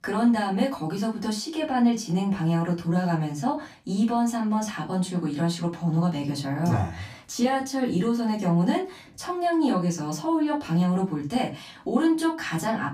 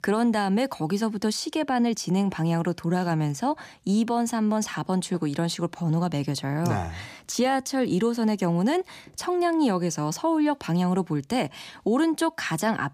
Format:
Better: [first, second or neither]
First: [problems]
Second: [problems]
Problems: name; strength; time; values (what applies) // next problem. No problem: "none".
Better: second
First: off-mic speech; far // room echo; very slight; dies away in 0.2 s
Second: none